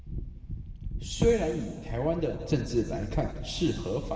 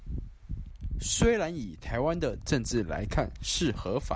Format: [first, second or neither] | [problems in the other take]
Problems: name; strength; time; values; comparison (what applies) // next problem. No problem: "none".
second | room echo; dies away in 1.6 s